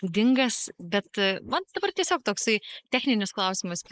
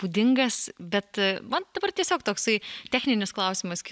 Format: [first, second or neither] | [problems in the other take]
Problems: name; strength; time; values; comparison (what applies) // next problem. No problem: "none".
second | noise reduction (neural mask model Resemble Enhance denoiser)